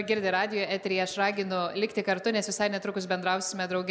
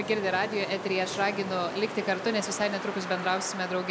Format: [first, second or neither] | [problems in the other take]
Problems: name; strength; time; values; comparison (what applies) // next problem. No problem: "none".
first | background sound (Wind); 8 dB below the speech